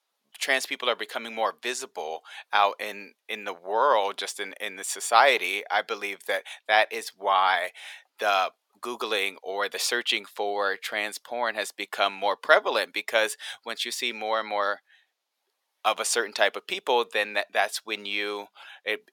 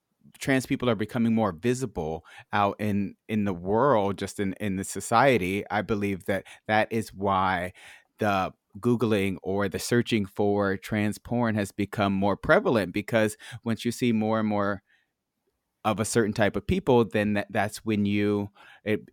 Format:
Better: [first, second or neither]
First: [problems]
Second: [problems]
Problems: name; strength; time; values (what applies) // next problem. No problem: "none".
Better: second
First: thin; very; fading below 600 Hz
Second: none